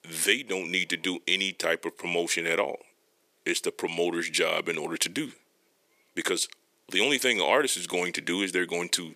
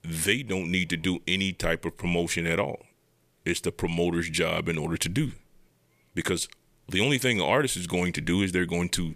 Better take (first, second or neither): second